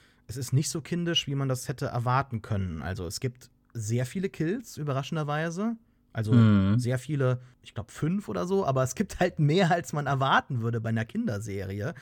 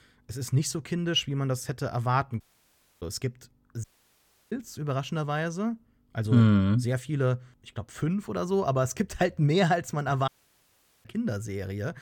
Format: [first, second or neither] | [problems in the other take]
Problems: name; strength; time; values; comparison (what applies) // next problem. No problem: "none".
first | audio cutting out; at 2.5 s for 0.5 s, at 4 s for 0.5 s and at 10 s for 1 s